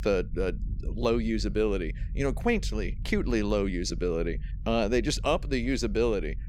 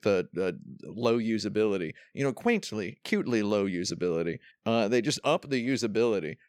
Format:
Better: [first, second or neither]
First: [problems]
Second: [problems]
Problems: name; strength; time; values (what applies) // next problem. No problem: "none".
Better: second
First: low rumble; faint; throughout; 25 dB below the speech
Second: none